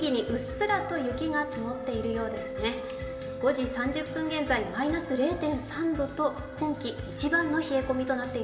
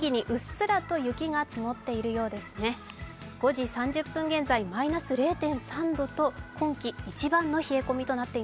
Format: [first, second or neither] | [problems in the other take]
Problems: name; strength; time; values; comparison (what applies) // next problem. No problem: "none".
second | background sound (Wind instrument, woodwind instrument); 10 dB below the speech // room echo; dies away in 1.5 s